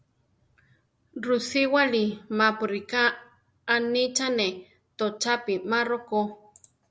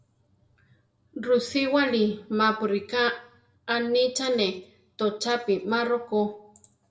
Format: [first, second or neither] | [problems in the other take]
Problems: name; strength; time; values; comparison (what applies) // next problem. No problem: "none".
first | room echo; dies away in 0.4 s